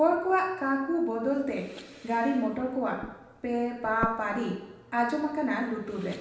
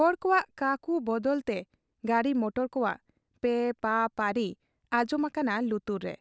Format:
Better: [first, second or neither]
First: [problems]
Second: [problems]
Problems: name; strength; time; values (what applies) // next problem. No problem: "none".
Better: second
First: background sound (Breathing); 17 dB below the speech // room echo; dies away in 0.8 s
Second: none